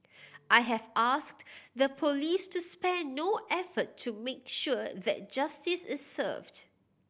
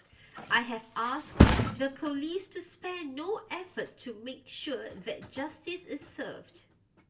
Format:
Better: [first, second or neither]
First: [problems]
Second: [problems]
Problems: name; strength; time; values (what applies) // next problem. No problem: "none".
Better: first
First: none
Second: background sound (Thump, thud); 4 dB above the speech // room echo; dies away in 0.2 s